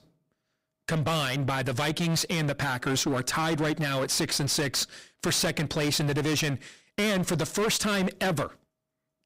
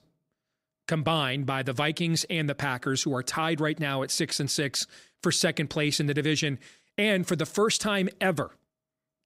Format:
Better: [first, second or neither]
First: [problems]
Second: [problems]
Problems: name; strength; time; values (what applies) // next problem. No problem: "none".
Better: second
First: distortion; heavy; 21% of the sound clipped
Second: none